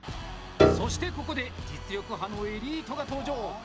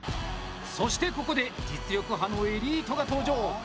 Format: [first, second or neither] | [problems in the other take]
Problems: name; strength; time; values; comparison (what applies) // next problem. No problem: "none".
second | background sound (Piano); 5 dB above the speech